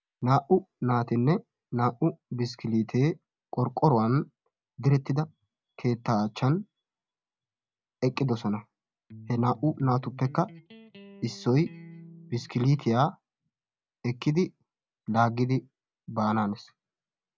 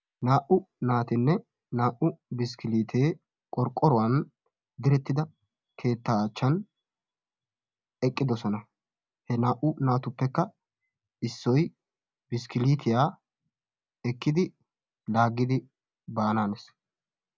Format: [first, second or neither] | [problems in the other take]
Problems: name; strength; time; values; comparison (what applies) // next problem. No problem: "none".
second | background sound (Electric guitar); 18 dB below the speech